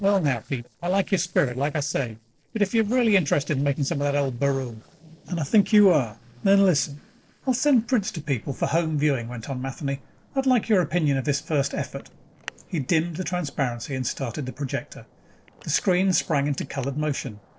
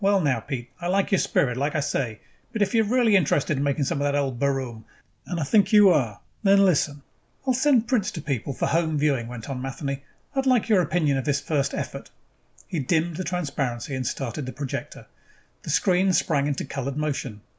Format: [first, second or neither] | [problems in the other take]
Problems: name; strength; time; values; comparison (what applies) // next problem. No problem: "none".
second | noise reduction (neural separator model SepFormer DNS4)